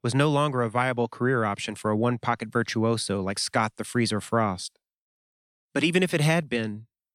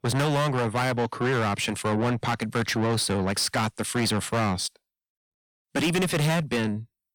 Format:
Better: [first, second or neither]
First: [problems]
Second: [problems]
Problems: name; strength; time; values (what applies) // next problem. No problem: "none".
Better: first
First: none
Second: distortion; heavy; 6 dB below the speech